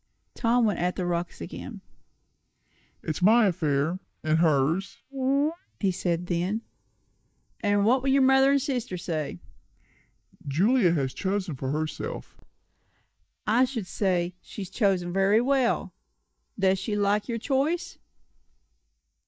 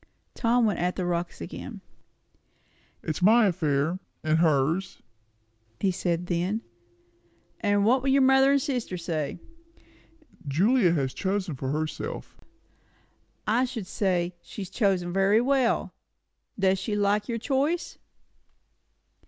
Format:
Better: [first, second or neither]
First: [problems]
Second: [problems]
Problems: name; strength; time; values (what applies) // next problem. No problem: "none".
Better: second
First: noise reduction (neural mask model Resemble Enhance denoiser)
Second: none